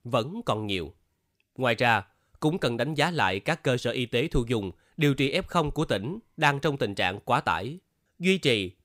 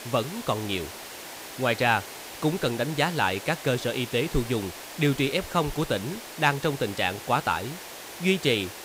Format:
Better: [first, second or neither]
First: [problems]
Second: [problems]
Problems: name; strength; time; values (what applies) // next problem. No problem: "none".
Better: first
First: none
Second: hiss; noticeable; throughout; 10 dB below the speech